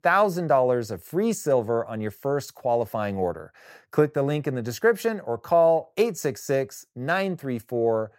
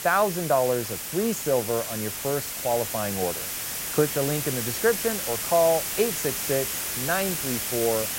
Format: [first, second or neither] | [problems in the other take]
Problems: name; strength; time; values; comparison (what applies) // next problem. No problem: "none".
first | hiss; loud; throughout; 2 dB below the speech